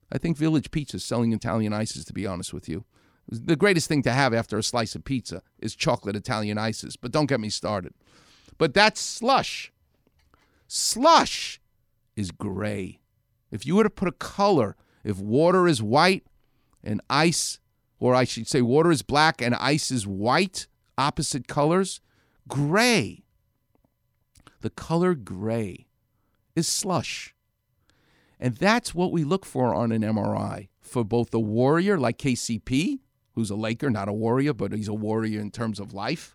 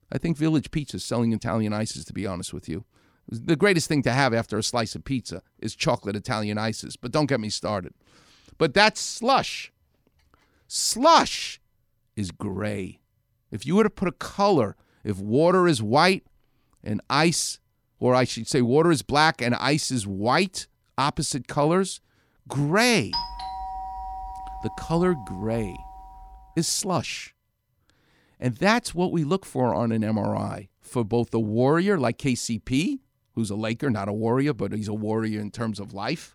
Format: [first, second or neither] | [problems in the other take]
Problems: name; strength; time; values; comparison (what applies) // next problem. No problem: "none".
first | doorbell; noticeable; from 23 to 26 s; peak 5 dB below the speech